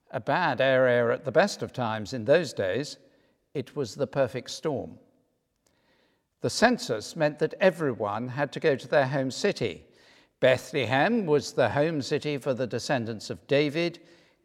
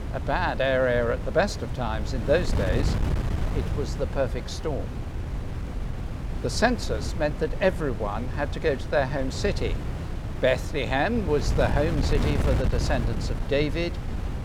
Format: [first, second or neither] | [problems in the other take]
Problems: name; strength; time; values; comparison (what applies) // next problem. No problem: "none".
first | wind noise on the microphone; occasional gusts; 10 dB below the speech